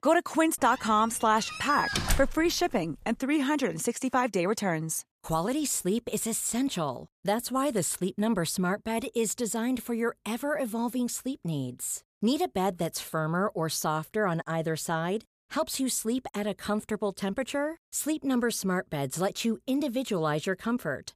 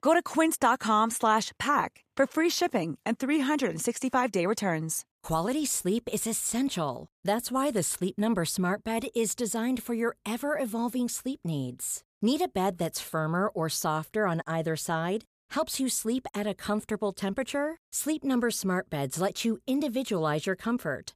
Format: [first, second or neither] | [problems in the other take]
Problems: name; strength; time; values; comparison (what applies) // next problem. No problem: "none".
second | door banging; loud; from 1.5 to 2.5 s; peak 1 dB above the speech